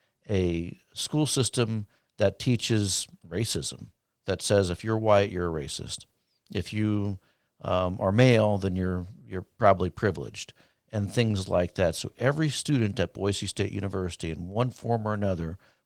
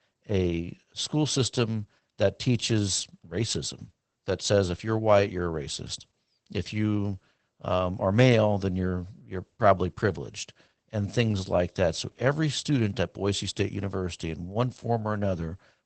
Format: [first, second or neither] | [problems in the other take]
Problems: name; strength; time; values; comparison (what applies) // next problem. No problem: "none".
first | garbled, watery; badly; nothing above 8 kHz; slightly in the first